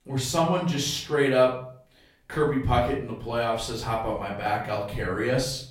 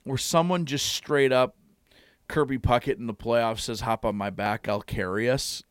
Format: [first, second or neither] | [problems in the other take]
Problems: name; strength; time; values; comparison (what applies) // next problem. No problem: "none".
second | off-mic speech; far // room echo; slight; dies away in 0.4 s